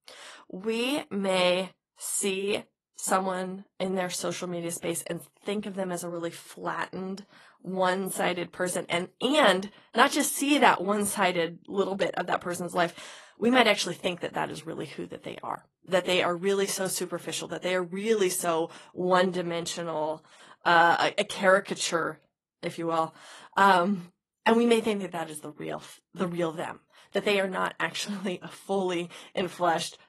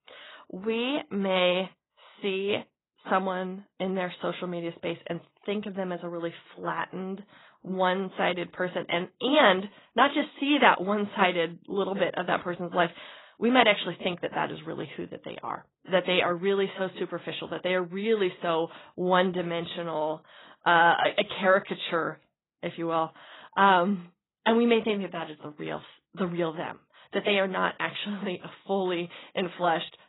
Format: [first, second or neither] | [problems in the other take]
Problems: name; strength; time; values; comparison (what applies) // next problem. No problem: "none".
first | garbled, watery; badly; nothing above 4 kHz; slightly in the first